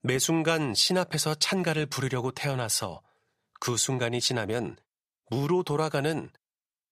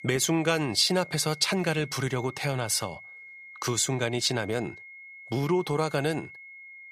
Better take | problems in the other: first | high-pitched whine; noticeable; throughout; 2 kHz, 15 dB below the speech

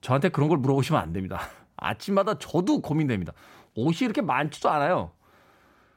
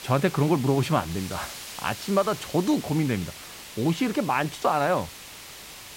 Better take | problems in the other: first | hiss; noticeable; throughout; 15 dB below the speech

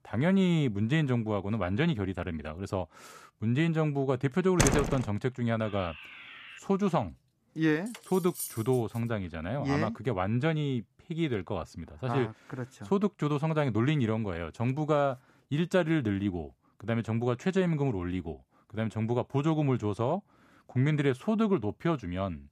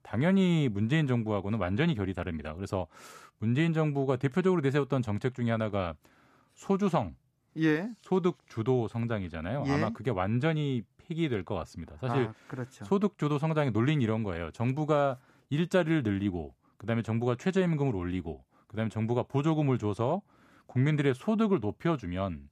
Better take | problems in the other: second | door banging; loud; at 4.5 s; peak 3 dB above the speech // alarm; faint; at 5.5 s; peak 15 dB below the speech // clattering dishes; noticeable; from 8 to 9 s; peak 7 dB below the speech

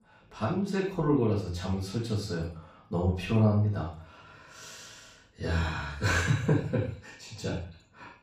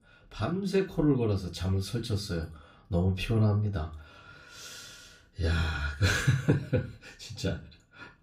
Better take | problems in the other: second | room echo; strong; dies away in 0.4 s; slight in the second // off-mic speech; far; far in the second

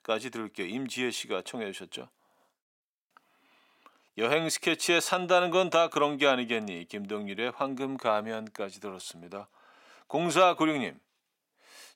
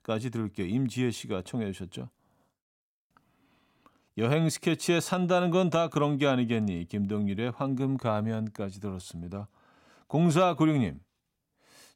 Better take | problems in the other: second | thin; somewhat; fading below 400 Hz

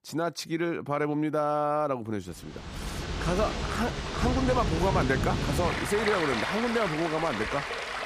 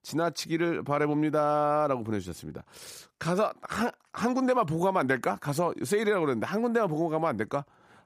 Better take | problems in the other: second | rain or running water; loud; from 3 s on; 2 dB below the speech

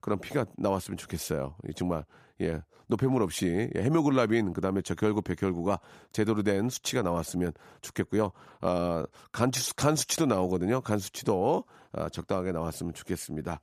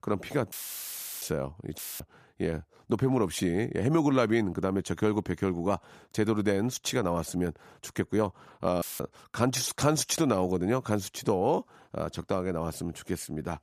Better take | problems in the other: first | audio cutting out; filled with static; at 0.5 s for 0.5 s, at 2 s and at 9 s

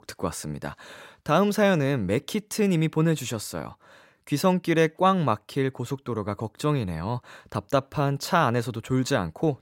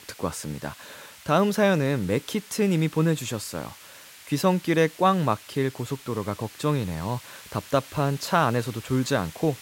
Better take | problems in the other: first | hiss; noticeable; throughout; 20 dB below the speech

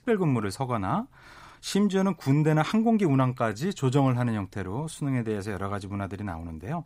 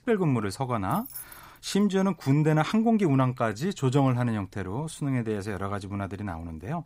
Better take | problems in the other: first | jangling keys; faint; at 1 s; peak 10 dB below the speech

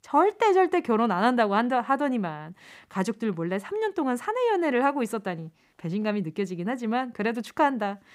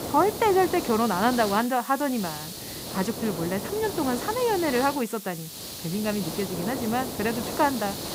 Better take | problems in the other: first | hiss; loud; throughout; 7 dB below the speech

